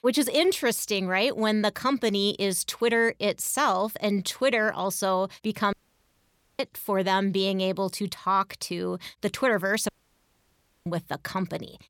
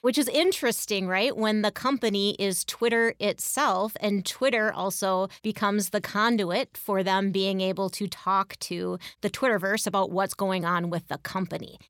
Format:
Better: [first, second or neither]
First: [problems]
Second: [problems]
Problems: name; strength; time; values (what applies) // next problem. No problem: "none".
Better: second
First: audio cutting out; at 5.5 s for 1 s and at 10 s for 1 s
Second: none